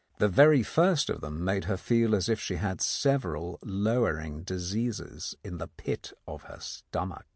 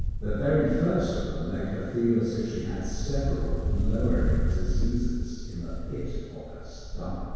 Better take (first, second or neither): first